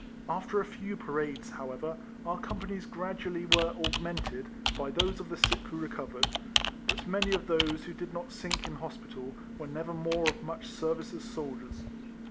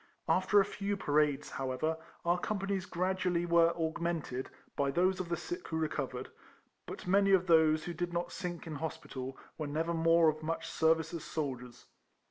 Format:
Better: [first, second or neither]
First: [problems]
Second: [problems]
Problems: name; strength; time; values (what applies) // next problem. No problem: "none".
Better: second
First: background sound (Computer keyboard); as loud as the speech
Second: none